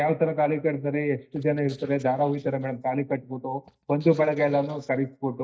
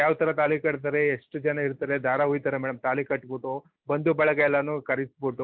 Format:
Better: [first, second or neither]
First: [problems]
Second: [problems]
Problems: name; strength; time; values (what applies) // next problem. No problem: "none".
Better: second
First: noise reduction (neural mask model DeepFilterNet 3)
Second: none